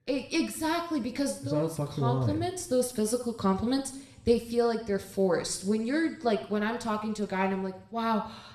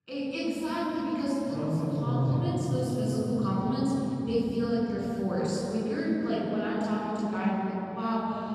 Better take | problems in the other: first | room echo; strong; dies away in 3 s; slight in the first // off-mic speech; far

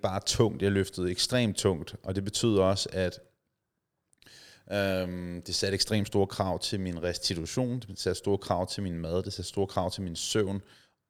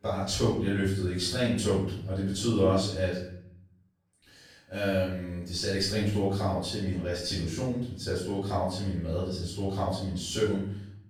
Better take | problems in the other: first | off-mic speech; far // room echo; noticeable; dies away in 0.7 s

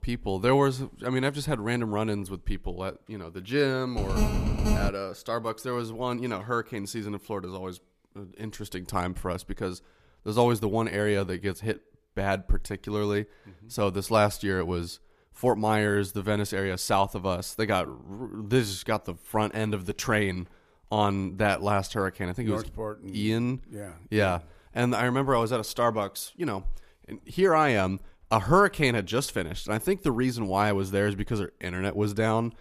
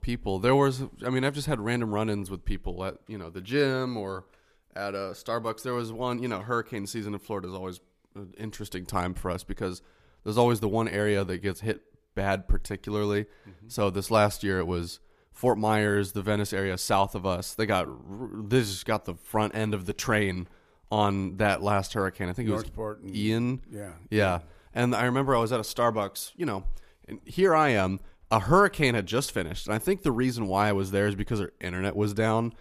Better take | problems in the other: second | phone ringing; loud; at 4 s; peak 1 dB above the speech

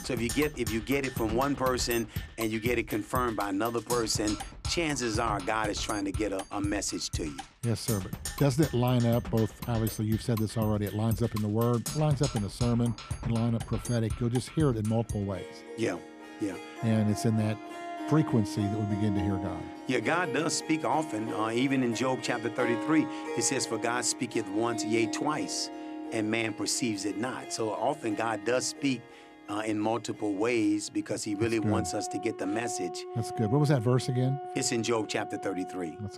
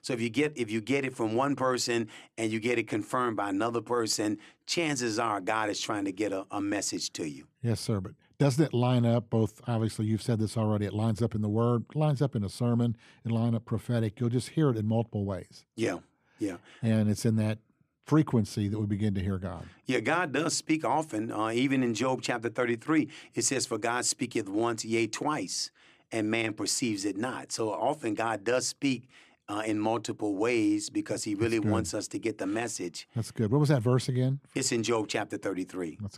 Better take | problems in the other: second | background music; loud; throughout; 9 dB below the speech

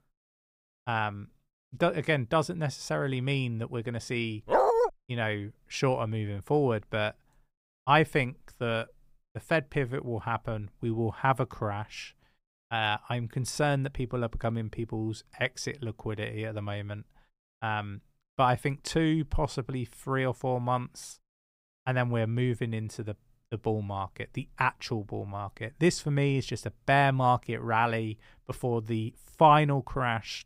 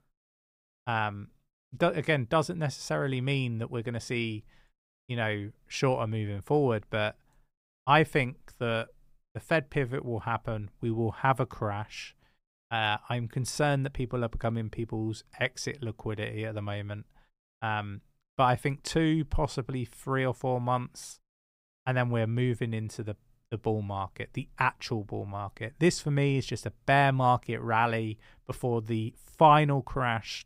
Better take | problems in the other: second | dog barking; loud; at 4.5 s; peak 6 dB above the speech

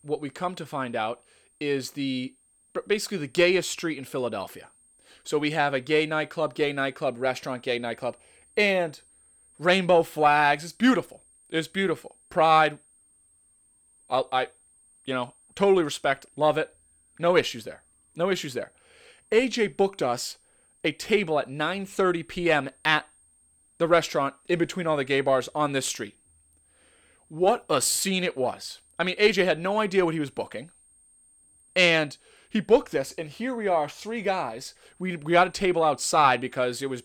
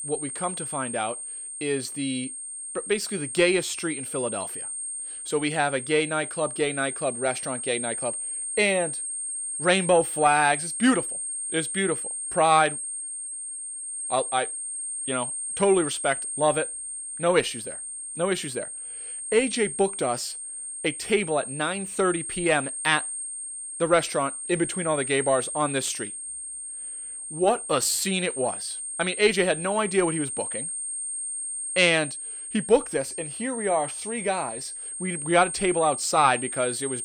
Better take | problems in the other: first | high-pitched whine; loud; throughout; 8.5 kHz, 5 dB below the speech; faint in the first

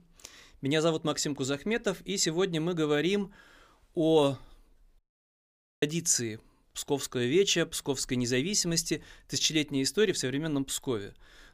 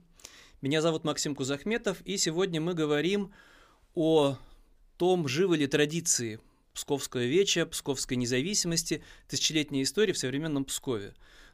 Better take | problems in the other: second | audio cutting out; at 5 s for 1 s

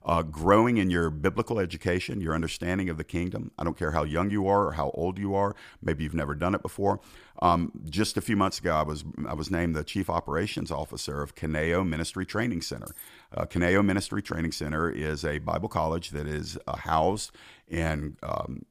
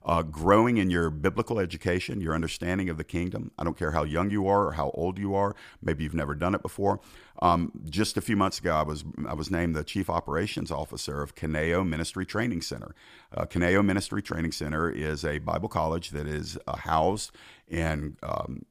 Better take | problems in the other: second | jangling keys; faint; at 13 s; peak 15 dB below the speech

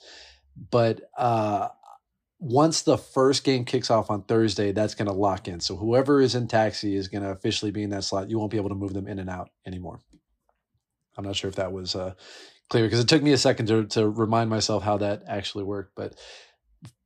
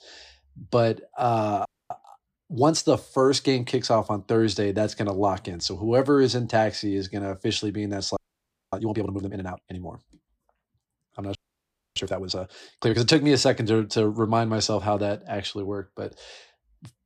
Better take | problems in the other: first | audio freezing; at 1.5 s, at 8 s for 0.5 s and at 11 s for 0.5 s

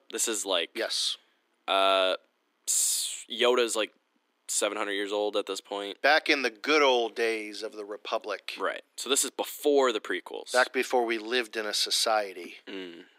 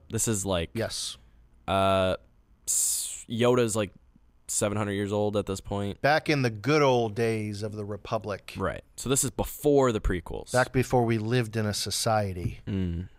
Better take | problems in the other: second | thin; somewhat; fading below 300 Hz

